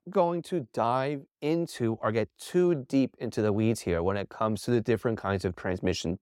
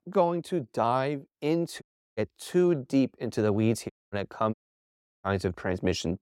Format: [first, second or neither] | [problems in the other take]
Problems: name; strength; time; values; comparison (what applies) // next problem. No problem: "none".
first | audio cutting out; at 2 s, at 4 s and at 4.5 s for 0.5 s